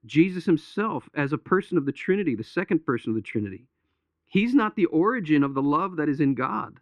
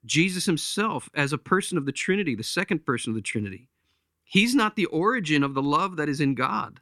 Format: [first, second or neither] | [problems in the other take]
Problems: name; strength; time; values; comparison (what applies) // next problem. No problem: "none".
second | muffled; very; fading above 4 kHz